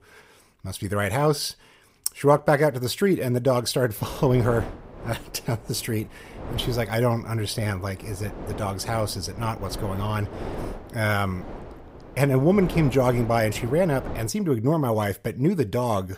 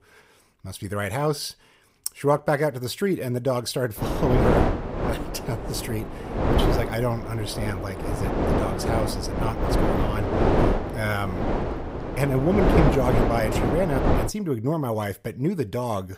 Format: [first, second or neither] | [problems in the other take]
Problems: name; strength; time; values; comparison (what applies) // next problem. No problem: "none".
first | wind noise on the microphone; heavy; from 4 to 14 s; 1 dB above the speech; occasional gusts in the first